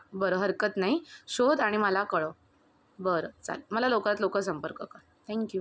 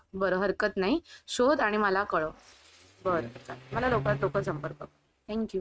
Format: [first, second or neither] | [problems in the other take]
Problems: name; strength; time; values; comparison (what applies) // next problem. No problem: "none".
first | noise reduction (neural mask model RNNoise)